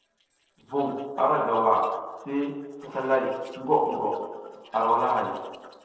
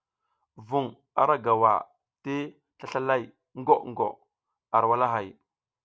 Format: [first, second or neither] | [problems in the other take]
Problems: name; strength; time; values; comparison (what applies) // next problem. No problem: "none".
second | noise reduction (neural separator model SepFormer DNS4)